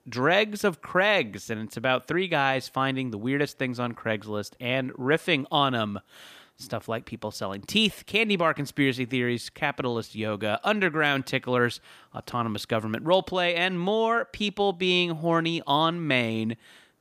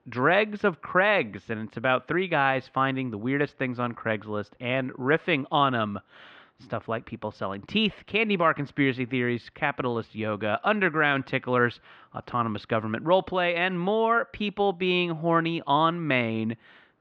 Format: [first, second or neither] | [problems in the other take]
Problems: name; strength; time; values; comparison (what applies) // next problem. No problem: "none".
first | muffled; slightly; fading above 3 kHz